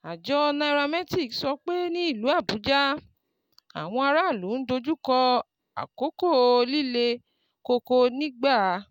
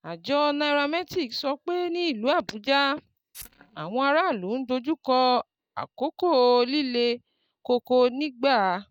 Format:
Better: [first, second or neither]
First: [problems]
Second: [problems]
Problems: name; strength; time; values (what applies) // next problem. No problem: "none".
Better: first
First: none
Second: noise reduction (neural mask model DeepFilterNet 3)